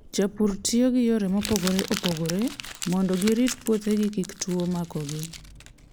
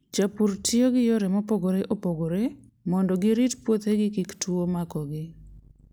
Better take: second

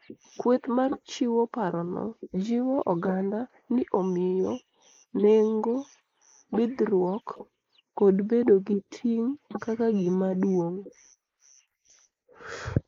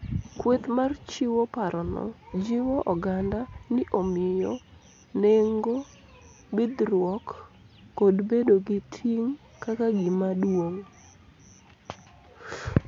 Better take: second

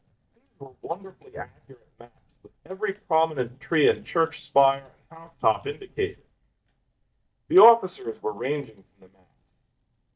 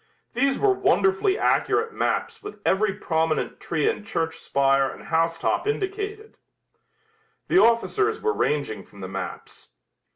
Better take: second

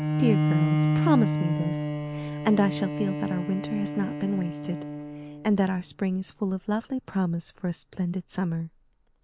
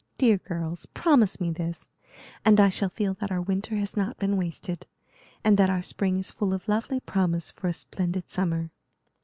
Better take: second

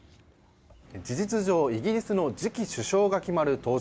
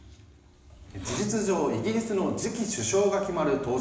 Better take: first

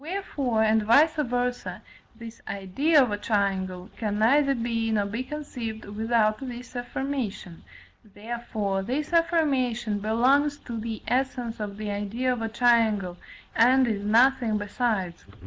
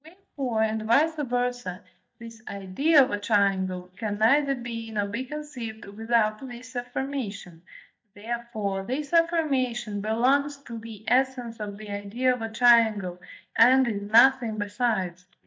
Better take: first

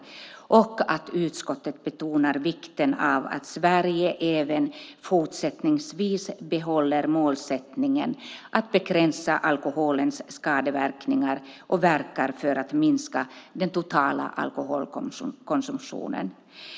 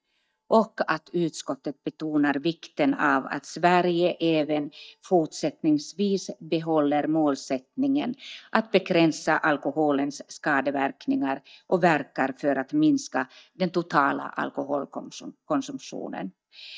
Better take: first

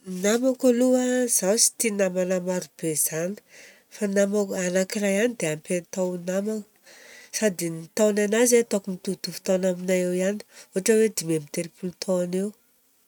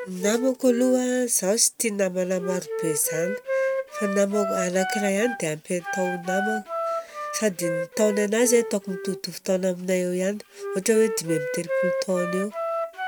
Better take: first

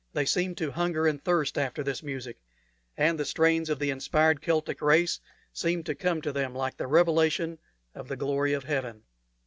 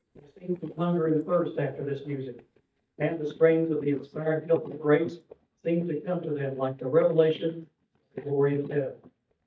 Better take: first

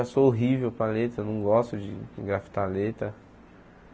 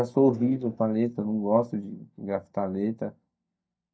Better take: first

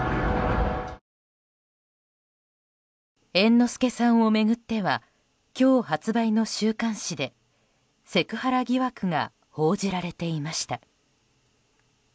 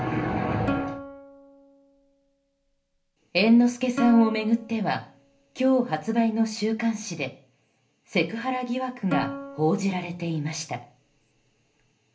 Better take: first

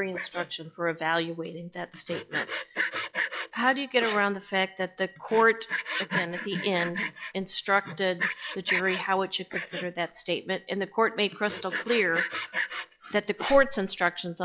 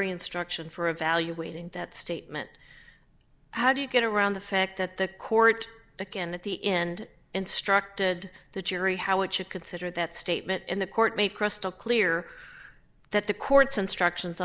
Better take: second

